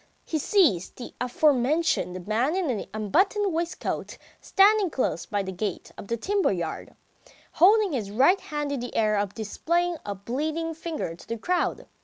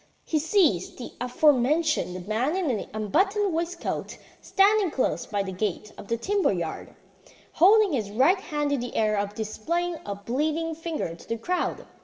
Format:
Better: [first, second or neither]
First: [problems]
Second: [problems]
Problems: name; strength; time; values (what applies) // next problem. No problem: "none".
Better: first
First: none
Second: room echo; dies away in 2.9 s